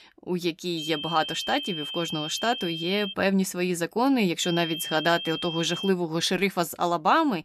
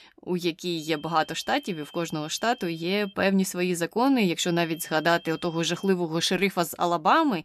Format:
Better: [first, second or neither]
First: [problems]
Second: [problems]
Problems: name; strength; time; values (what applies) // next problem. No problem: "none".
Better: second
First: high-pitched whine; loud; from 1 to 3 s and from 4.5 to 6 s; 3 kHz, 6 dB below the speech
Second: high-pitched whine; faint; from 1 to 3 s and from 4.5 to 6 s; 3 kHz, 20 dB below the speech